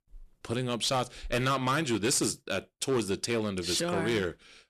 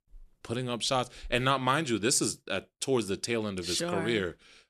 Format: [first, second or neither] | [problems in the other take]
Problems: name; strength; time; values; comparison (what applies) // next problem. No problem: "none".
second | distortion; slight; 7% of the sound clipped